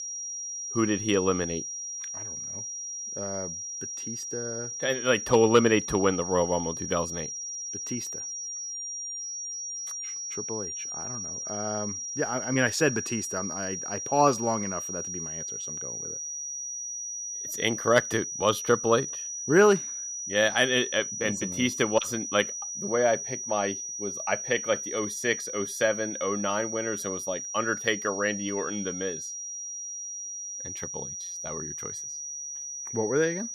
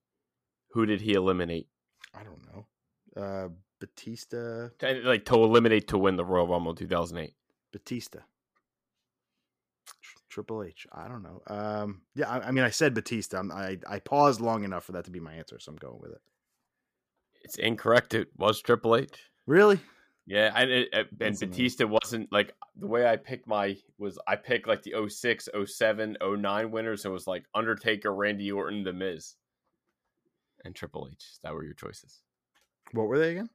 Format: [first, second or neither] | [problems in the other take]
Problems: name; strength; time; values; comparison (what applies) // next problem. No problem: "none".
second | high-pitched whine; loud; throughout; 5.5 kHz, 6 dB below the speech